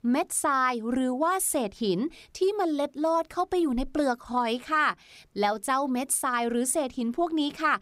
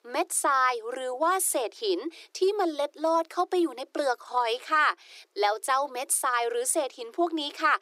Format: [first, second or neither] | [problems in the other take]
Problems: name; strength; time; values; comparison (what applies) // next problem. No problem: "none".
first | thin; very; fading below 350 Hz